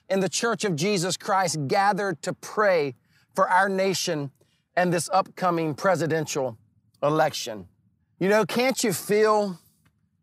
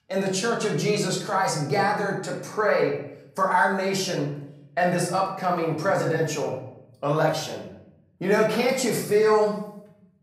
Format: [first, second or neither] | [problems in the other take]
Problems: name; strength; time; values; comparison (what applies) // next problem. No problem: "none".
first | room echo; slight; dies away in 0.6 s // off-mic speech; far